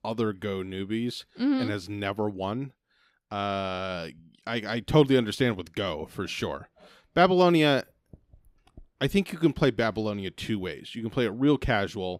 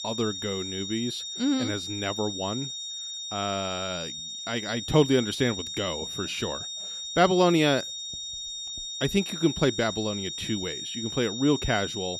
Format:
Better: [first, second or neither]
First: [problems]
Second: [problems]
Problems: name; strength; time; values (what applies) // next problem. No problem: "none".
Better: first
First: none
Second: high-pitched whine; loud; throughout; 3.5 kHz, 5 dB below the speech